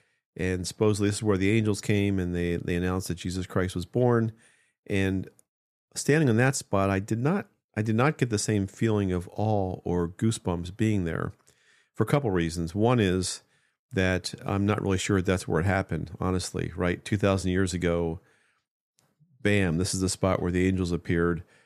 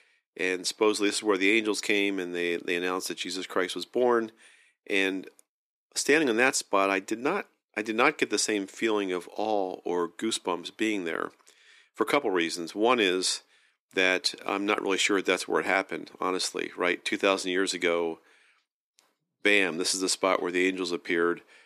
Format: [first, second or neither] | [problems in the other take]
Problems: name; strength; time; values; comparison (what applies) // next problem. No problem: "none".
first | thin; somewhat; fading below 300 Hz